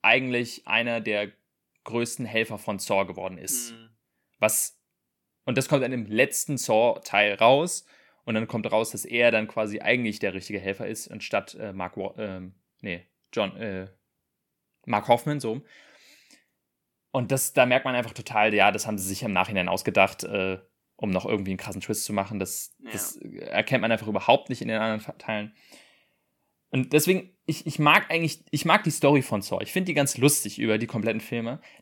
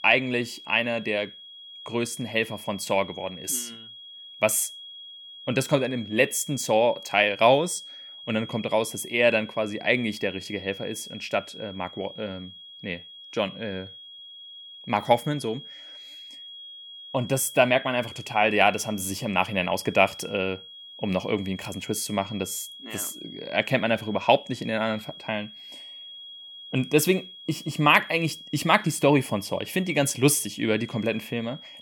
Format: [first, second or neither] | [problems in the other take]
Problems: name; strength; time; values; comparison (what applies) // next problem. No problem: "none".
first | high-pitched whine; noticeable; throughout; 3.5 kHz, 15 dB below the speech